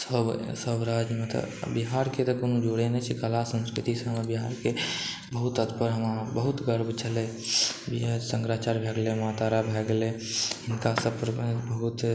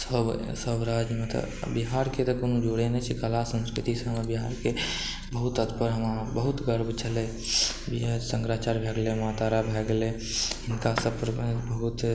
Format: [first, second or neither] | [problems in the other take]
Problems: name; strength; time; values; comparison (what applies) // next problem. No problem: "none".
first | background sound (Motor vehicle (road) / Engine); 11 dB below the speech